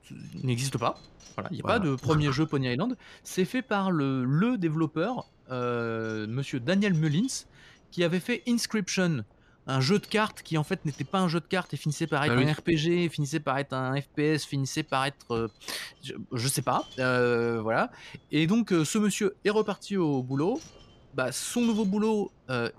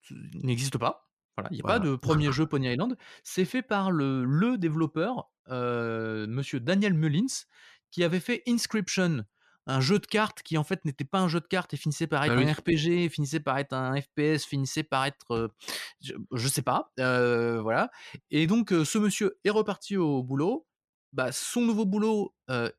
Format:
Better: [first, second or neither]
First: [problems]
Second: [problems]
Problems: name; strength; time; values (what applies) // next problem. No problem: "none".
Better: second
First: wind noise on the microphone; occasional gusts; 25 dB below the speech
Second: none